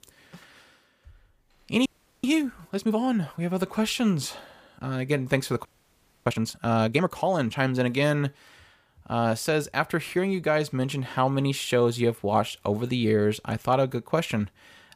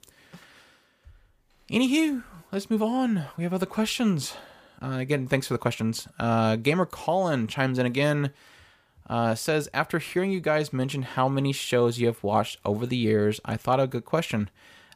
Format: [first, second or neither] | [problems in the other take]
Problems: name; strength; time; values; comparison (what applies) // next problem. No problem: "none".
second | audio freezing; at 2 s and at 5.5 s for 0.5 s